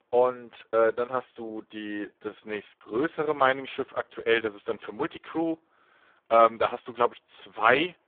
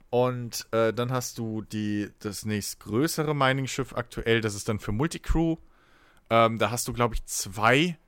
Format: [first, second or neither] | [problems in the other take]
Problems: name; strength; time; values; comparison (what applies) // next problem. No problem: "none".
second | phone-call audio; poor line